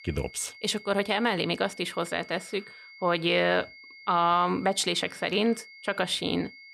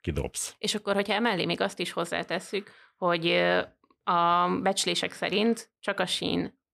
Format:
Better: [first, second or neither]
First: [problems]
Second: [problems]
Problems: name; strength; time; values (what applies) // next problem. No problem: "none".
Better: second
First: high-pitched whine; noticeable; throughout; 2 kHz, 20 dB below the speech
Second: none